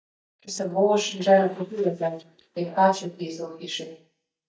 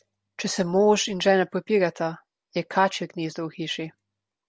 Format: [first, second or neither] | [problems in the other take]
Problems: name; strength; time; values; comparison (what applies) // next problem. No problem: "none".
second | noise reduction (neural mask model DeepFilterNet 3)